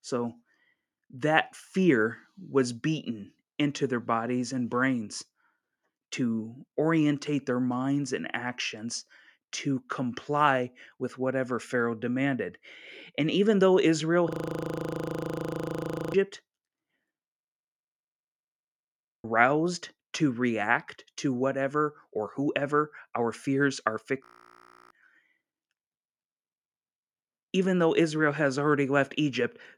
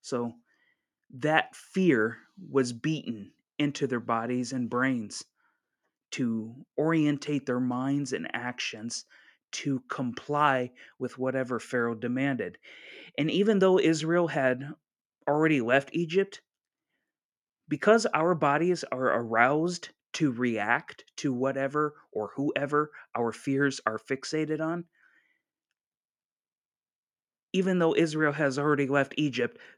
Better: second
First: audio freezing; at 14 s for 2 s, at 17 s for 2 s and at 24 s for 0.5 s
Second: none

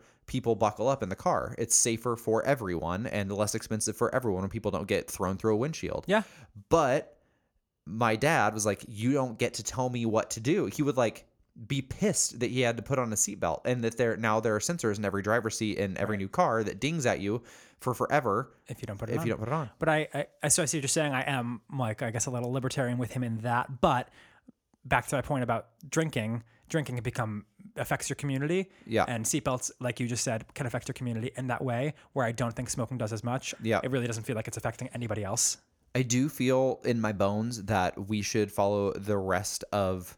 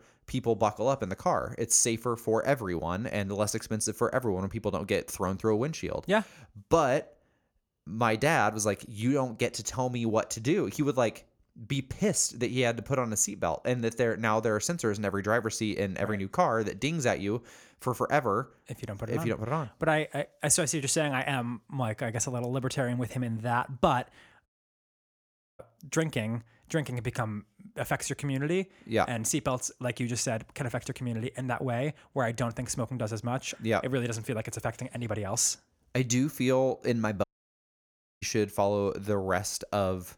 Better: first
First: none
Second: audio cutting out; at 24 s for 1 s and at 37 s for 1 s

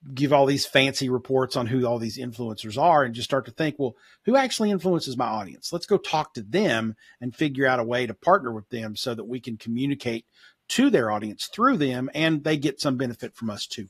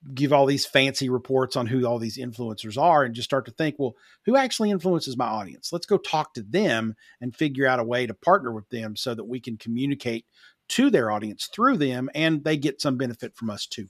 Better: second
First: garbled, watery; slightly; nothing above 14.5 kHz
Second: none

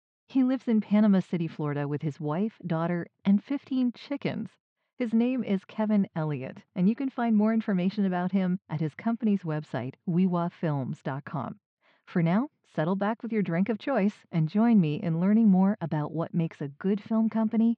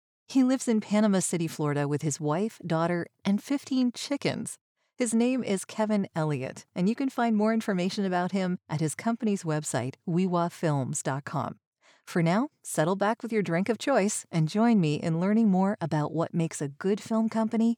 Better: second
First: muffled; very; fading above 3.5 kHz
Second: none

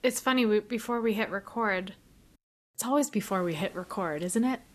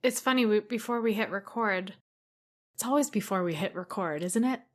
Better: second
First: hiss; faint; until 2.5 s and from 3 s on; 30 dB below the speech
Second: none

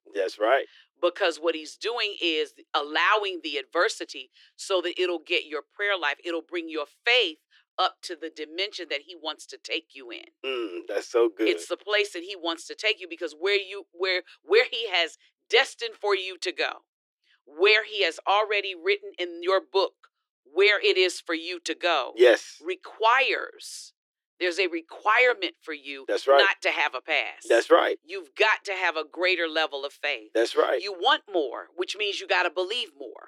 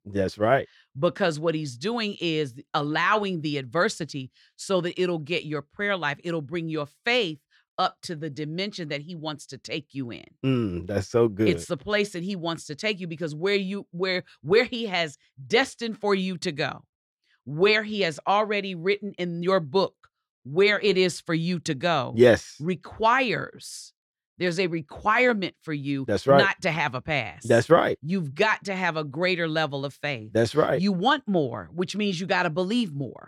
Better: second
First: thin; very; fading below 350 Hz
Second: none

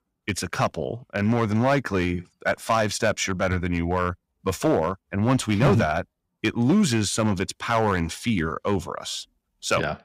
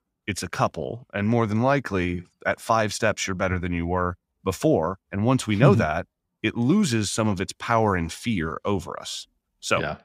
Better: second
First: distortion; slight; 3% of the sound clipped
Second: none

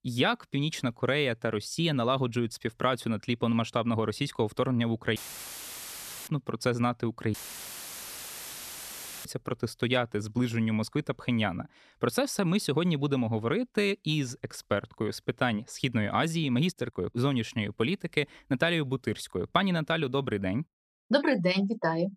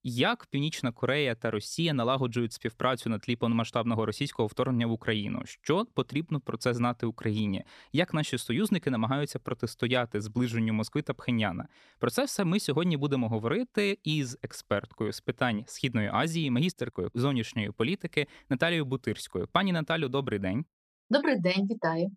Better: second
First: audio cutting out; filled with static; at 5 s for 1 s and at 7.5 s for 2 s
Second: none

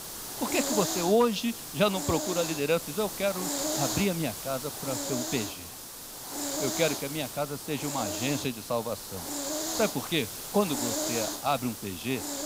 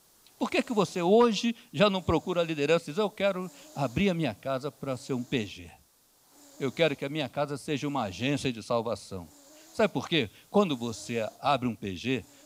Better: second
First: hiss; loud; throughout; 3 dB below the speech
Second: hiss; faint; throughout; 25 dB below the speech

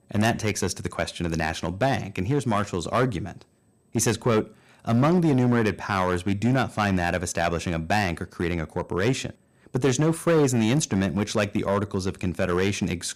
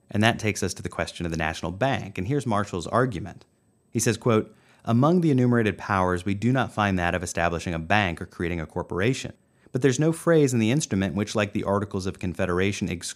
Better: second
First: distortion; slight; 5% of the sound clipped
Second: none

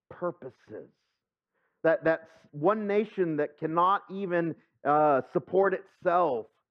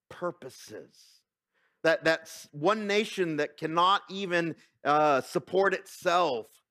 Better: second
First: muffled; very; fading above 3.5 kHz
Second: none

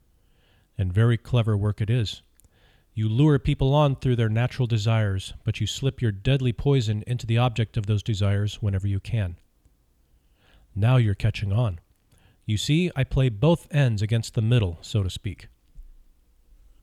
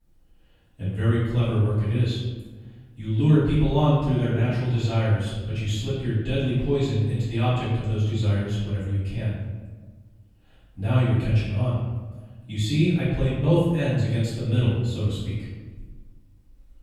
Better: first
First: none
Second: room echo; strong; dies away in 1.2 s // off-mic speech; far

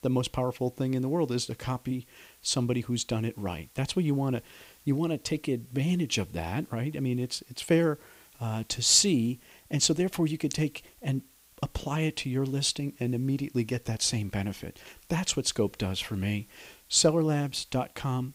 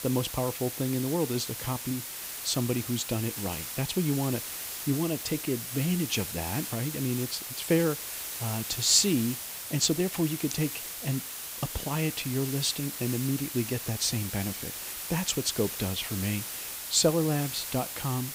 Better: first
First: hiss; faint; throughout; 30 dB below the speech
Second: hiss; loud; throughout; 5 dB below the speech

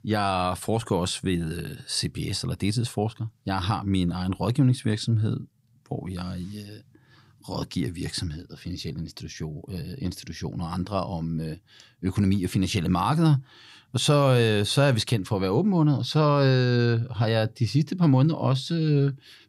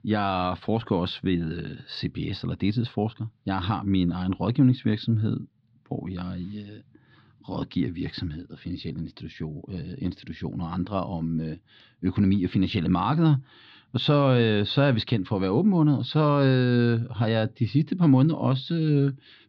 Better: first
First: none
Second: muffled; very slightly; fading above 4 kHz

